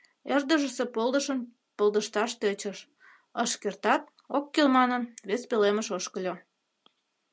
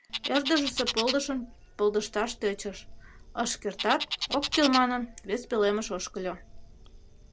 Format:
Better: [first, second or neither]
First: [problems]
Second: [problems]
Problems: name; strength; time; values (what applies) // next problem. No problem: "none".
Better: first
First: none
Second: background sound (Bird); 8 dB below the speech